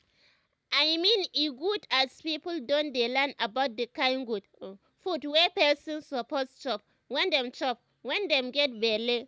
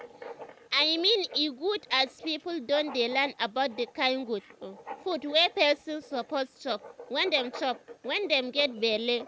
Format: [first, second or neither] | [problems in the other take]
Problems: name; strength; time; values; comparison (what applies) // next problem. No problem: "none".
first | background sound (Writing); 17 dB below the speech